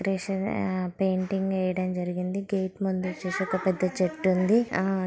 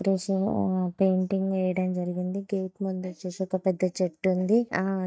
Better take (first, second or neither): first